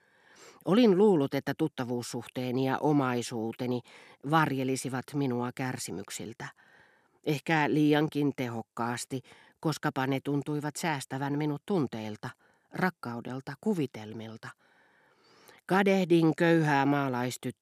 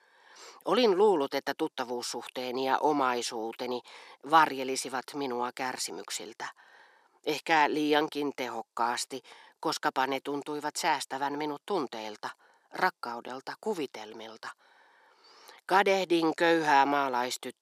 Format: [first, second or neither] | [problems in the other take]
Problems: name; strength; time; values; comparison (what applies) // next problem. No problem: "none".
first | thin; somewhat; fading below 450 Hz